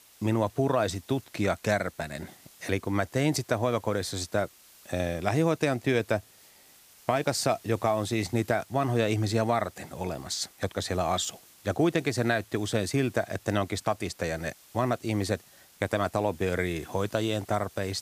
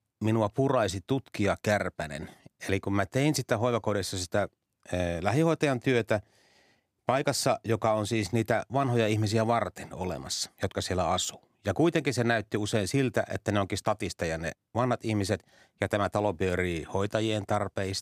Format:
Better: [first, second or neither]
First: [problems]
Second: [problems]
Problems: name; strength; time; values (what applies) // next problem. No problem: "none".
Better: second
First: hiss; faint; throughout; 25 dB below the speech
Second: none